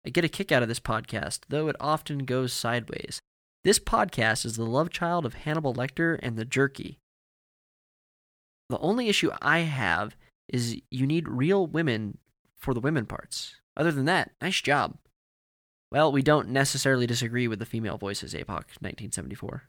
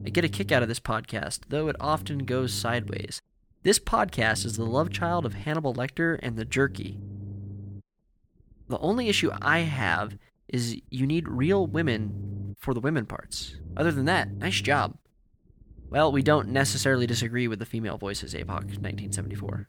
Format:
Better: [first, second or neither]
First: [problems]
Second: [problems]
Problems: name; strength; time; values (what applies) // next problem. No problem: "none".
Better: first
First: none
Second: low rumble; faint; throughout; 20 dB below the speech